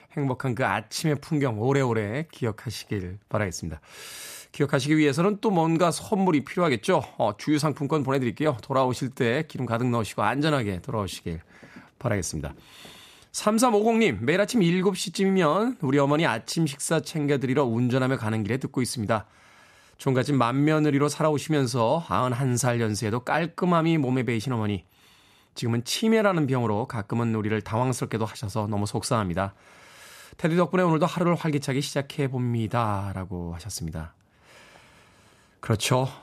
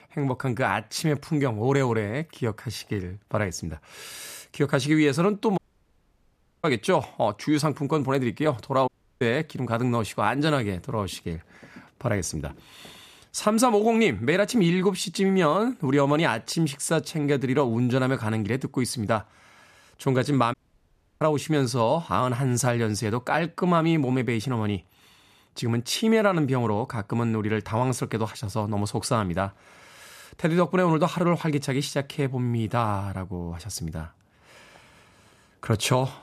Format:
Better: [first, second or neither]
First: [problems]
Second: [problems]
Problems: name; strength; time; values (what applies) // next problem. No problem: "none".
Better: first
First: none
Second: audio cutting out; at 5.5 s for 1 s, at 9 s and at 21 s for 0.5 s